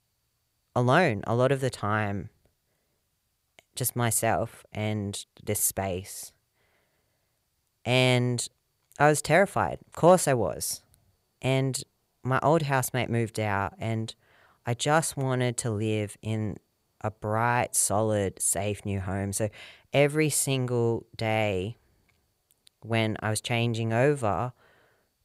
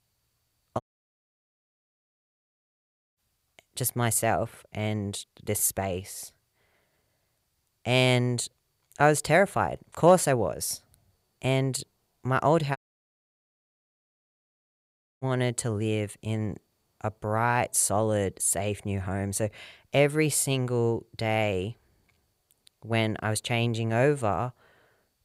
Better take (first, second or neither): first